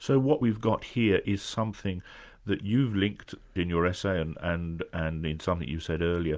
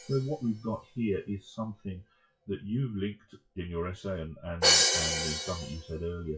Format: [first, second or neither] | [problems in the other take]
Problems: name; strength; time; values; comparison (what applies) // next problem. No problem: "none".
first | noise reduction (classical method WPE with log-MMSE)